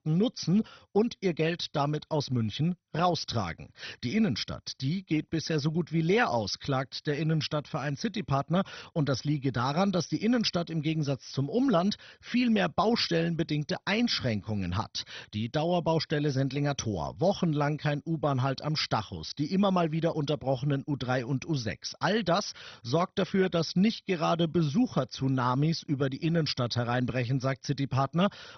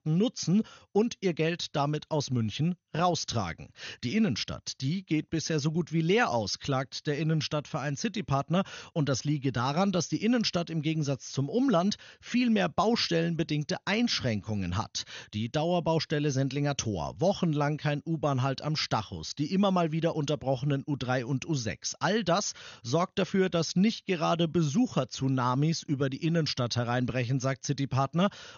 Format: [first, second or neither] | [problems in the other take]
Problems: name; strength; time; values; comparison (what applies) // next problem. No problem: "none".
second | garbled, watery; badly; nothing above 6 kHz; slightly in the second